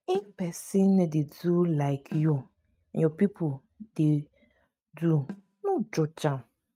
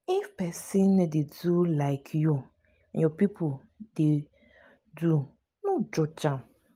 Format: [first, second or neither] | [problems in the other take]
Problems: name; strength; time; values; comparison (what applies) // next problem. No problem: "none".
second | noise reduction (neural mask model RNNoise)